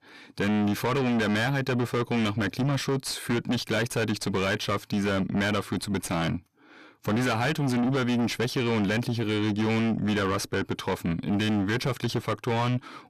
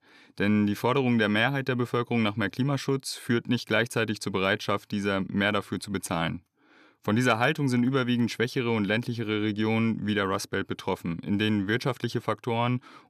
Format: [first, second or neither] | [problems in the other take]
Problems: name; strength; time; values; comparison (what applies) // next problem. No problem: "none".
second | distortion; heavy; 7 dB below the speech